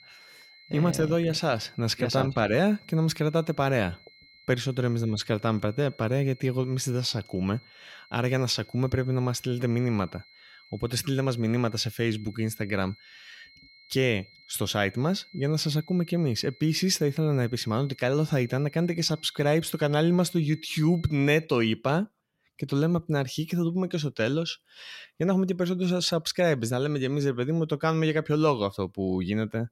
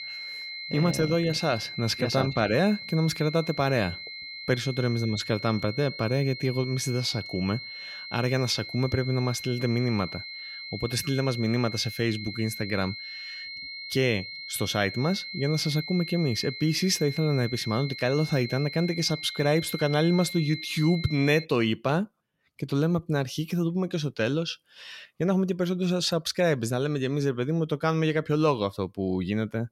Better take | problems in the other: first | high-pitched whine; loud; until 21 s; 2 kHz, 9 dB below the speech; faint in the first

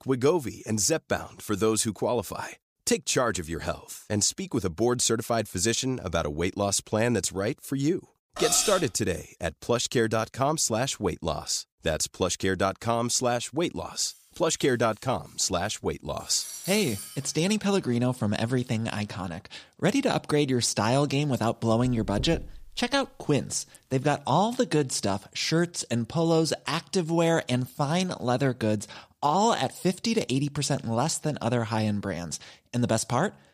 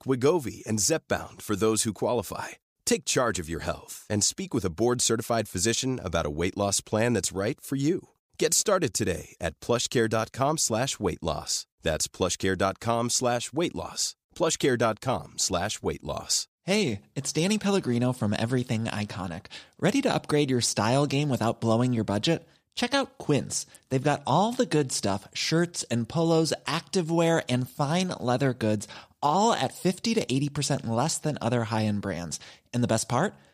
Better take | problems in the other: second | clattering dishes; noticeable; at 8.5 s and from 14 to 17 s; peak 1 dB below the speech // door banging; noticeable; from 22 to 23 s; peak 10 dB below the speech

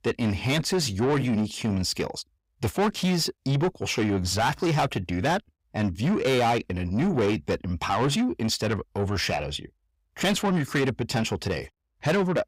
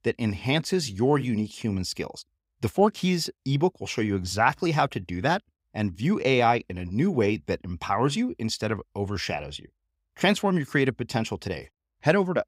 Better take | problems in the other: second | distortion; heavy; 7 dB below the speech

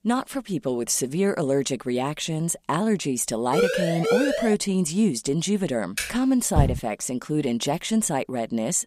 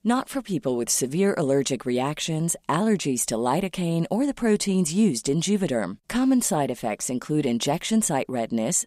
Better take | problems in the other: second | siren; loud; from 3.5 to 4.5 s; peak 2 dB above the speech // keyboard typing; noticeable; at 6 s; peak 6 dB below the speech // door banging; loud; at 6.5 s; peak level with the speech

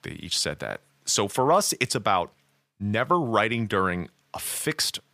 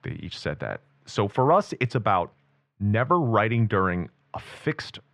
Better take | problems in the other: first | muffled; very; fading above 2 kHz

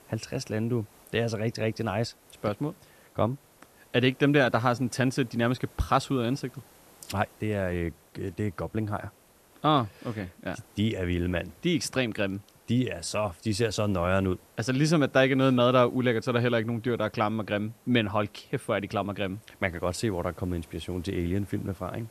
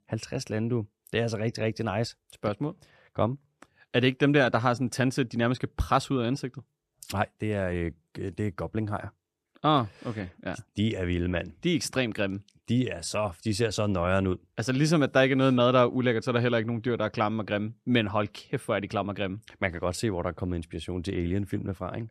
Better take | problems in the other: second | hiss; faint; throughout; 30 dB below the speech

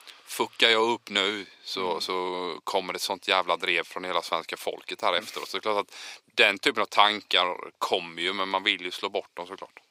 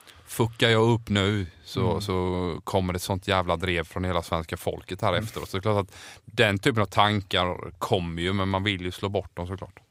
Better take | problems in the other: second | thin; somewhat; fading below 300 Hz

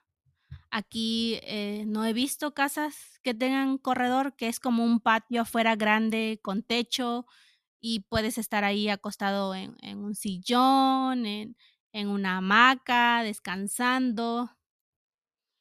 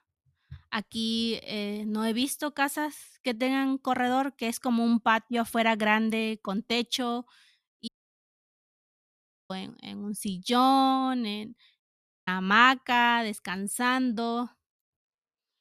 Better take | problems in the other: first | audio cutting out; at 8 s for 1.5 s and at 12 s

